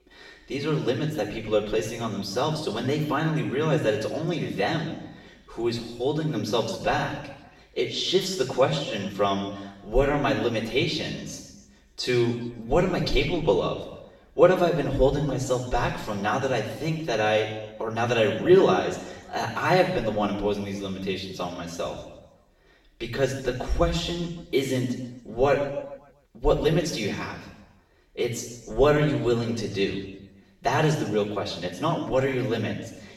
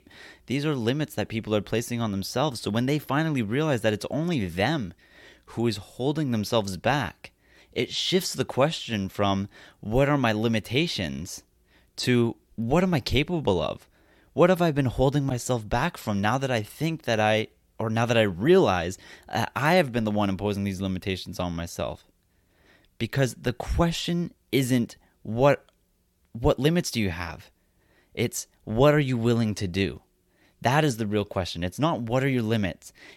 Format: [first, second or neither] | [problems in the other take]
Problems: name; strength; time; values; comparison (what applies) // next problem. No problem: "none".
second | room echo; noticeable; dies away in 1 s // off-mic speech; far